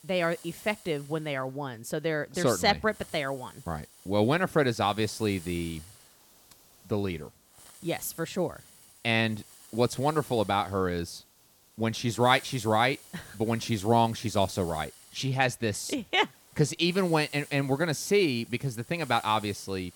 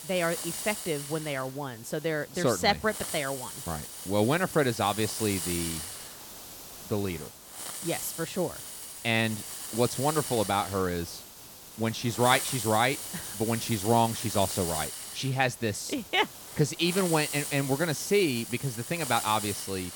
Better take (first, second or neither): first